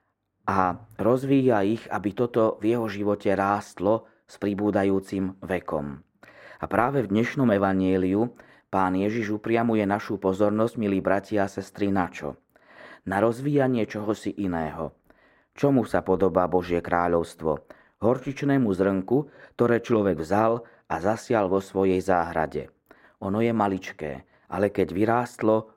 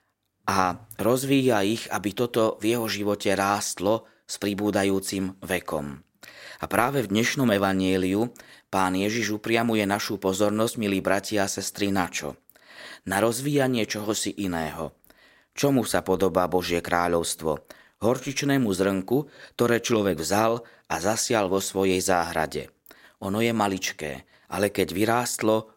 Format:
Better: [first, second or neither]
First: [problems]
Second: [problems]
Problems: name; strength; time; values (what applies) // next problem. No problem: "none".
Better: second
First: muffled; very; fading above 2.5 kHz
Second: none